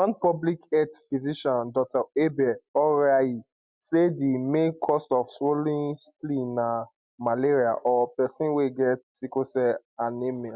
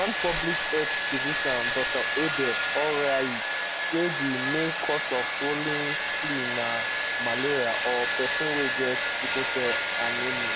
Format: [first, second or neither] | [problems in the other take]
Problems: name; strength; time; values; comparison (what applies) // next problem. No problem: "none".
first | background sound (Domestic sounds, home sounds + Bell); 2 dB above the speech